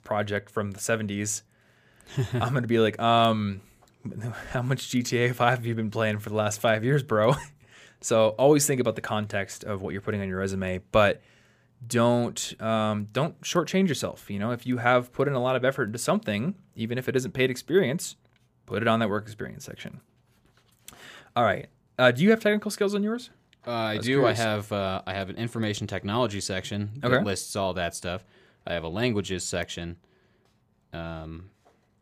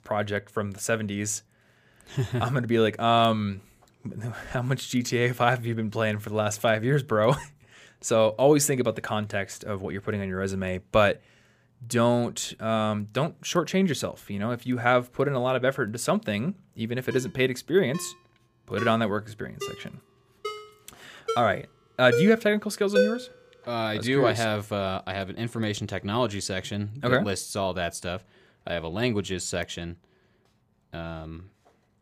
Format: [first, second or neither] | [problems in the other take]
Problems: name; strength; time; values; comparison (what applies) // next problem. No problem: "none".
first | phone ringing; loud; from 17 to 23 s; peak 1 dB above the speech